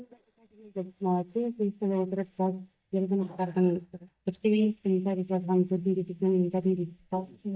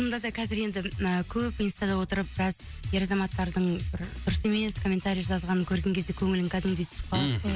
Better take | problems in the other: second | noise reduction (neural mask model DeepFilterNet 3)

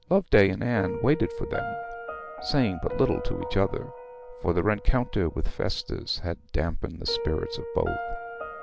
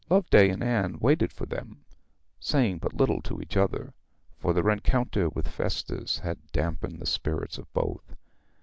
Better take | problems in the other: second | background sound (Piano); 10 dB below the speech

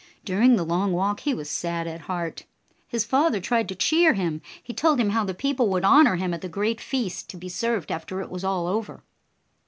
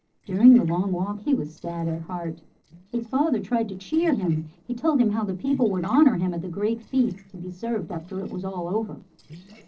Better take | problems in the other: first | noise reduction (neural separator model SepFormer DNS4)

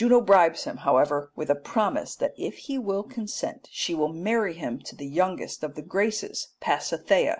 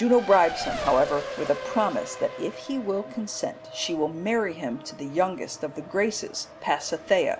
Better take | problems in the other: first | background sound (Race car, auto racing); 11 dB below the speech

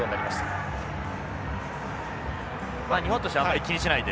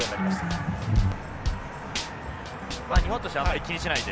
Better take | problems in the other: first | background sound (Bass guitar + Tambourine / Drum / Drum kit); 3 dB above the speech

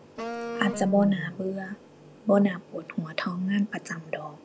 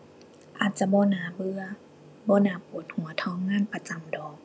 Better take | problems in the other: second | background sound (Wind instrument, woodwind instrument); 9 dB below the speech

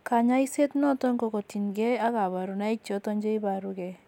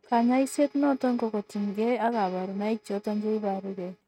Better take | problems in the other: first | noise reduction (neural mask model RNNoise)

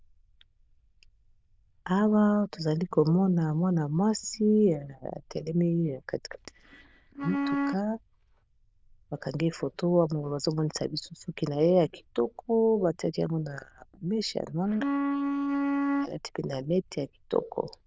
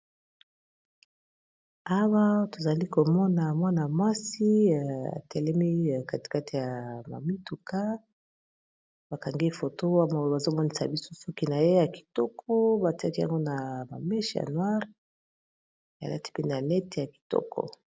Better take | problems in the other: second | noise reduction (neural diffusion model UNIVERSE++)

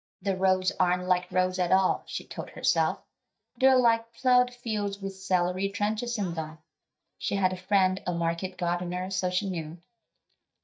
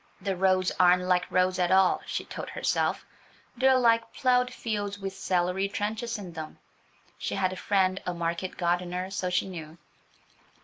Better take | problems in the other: second | noise reduction (neural mask model DeepFilterNet 3)

